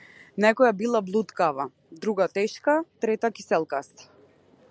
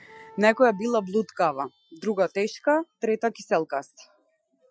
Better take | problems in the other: first | noise reduction (classical method Wiener filter)

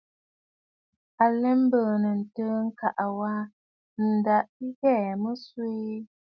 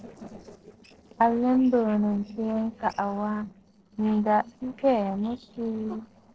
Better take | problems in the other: first | noise reduction (neural separator model SepFormer DNS4)

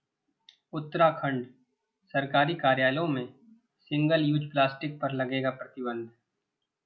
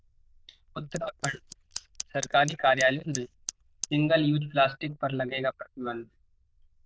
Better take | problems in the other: first | noise reduction (neural diffusion model UNIVERSE++)

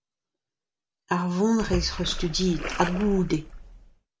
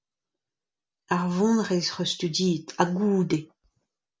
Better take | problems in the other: second | background sound (Splash, splatter); 6 dB below the speech

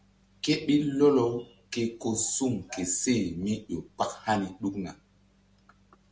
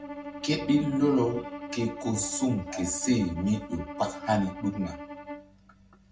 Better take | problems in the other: first | background sound (Bowed string instrument); 11 dB below the speech // room echo; dies away in 0.4 s

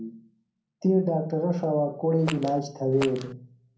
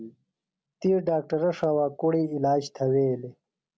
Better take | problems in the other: second | background sound (Fart); 11 dB below the speech // room echo; dies away in 0.6 s

